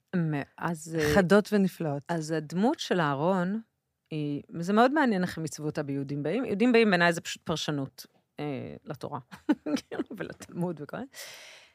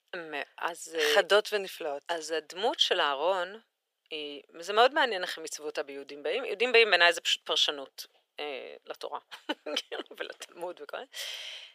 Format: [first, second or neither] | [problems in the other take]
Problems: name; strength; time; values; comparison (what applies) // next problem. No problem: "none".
first | thin; very; fading below 450 Hz